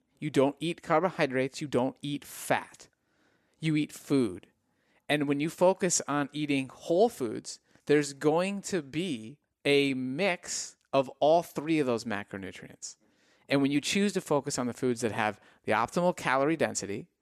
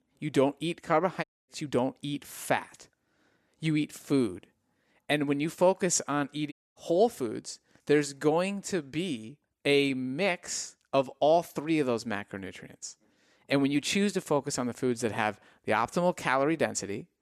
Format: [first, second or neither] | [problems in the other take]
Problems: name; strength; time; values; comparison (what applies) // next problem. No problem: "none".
first | audio cutting out; at 1 s and at 6.5 s